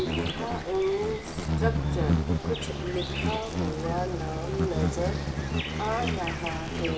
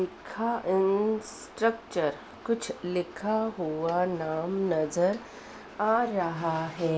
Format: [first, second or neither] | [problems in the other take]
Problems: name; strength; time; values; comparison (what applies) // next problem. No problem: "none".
second | background sound (Insect); 3 dB above the speech // room echo; dies away in 2.2 s